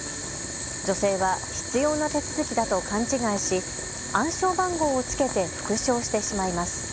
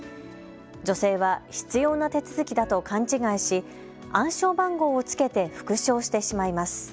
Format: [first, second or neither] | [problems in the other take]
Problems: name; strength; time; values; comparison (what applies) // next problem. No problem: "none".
second | background sound (Boiling); 6 dB below the speech